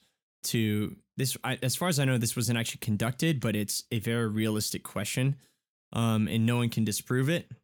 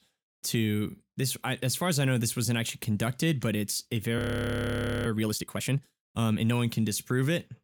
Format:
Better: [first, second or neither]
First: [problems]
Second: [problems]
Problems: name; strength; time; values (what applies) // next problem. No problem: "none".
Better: first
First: none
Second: audio freezing; at 4 s for 1 s